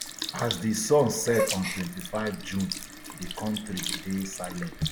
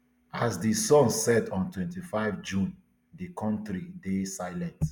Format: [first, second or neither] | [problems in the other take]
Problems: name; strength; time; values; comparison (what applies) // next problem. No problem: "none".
second | background sound (Gasp + Sink (filling or washing) / Liquid); 6 dB below the speech